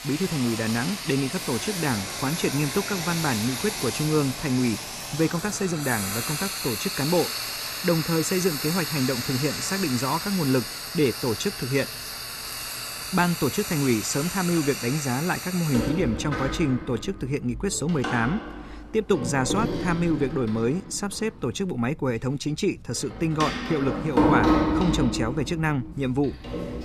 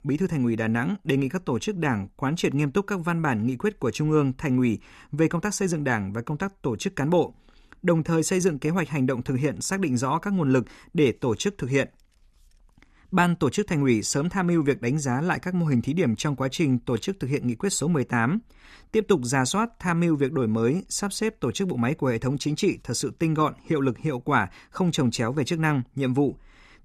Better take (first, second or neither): second